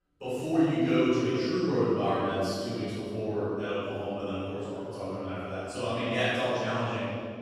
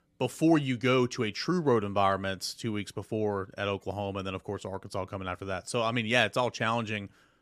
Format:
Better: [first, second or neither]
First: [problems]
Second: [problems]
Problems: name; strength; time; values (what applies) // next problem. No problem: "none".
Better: second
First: off-mic speech; far // room echo; strong; dies away in 2.8 s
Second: none